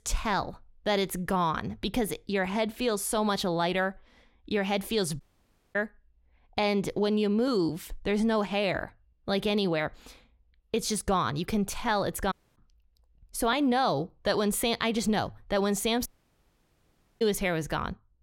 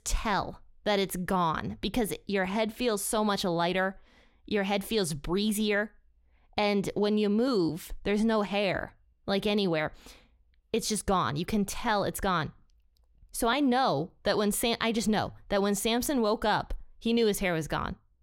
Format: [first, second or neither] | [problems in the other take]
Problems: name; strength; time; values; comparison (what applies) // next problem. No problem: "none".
second | audio cutting out; at 5 s for 0.5 s, at 12 s and at 16 s for 1 s